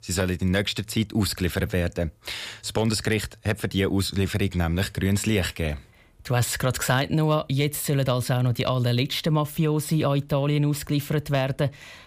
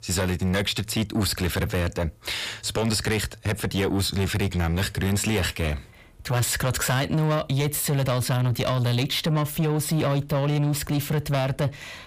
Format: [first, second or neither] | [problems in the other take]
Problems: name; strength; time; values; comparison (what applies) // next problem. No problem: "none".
first | distortion; slight; 10 dB below the speech